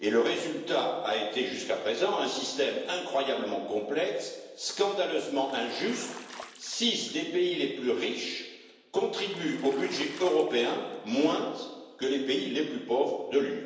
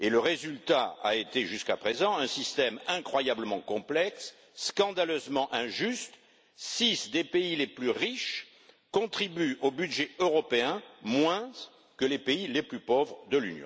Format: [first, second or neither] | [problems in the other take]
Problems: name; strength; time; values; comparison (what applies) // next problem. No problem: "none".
second | background sound (Bathtub (filling or washing)); 19 dB below the speech // room echo; dies away in 1 s